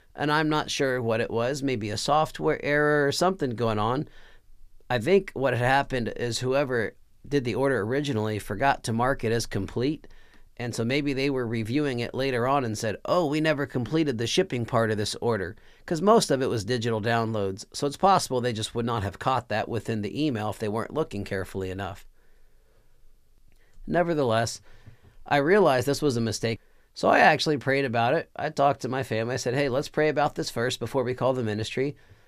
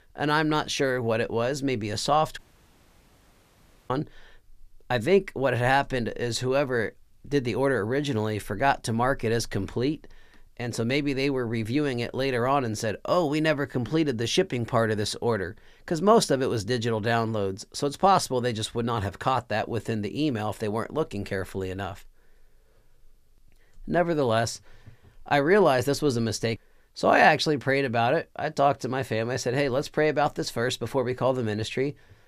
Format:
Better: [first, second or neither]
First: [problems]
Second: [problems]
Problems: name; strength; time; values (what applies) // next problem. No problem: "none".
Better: first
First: none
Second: audio cutting out; at 2.5 s for 1.5 s